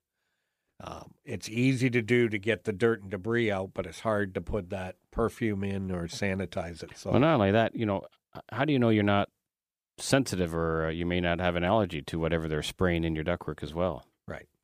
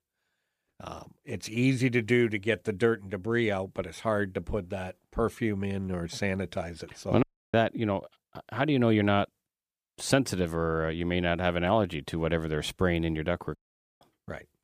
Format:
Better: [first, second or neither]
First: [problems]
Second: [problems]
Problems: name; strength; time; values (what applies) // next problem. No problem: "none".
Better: first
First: none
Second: audio cutting out; at 7 s and at 14 s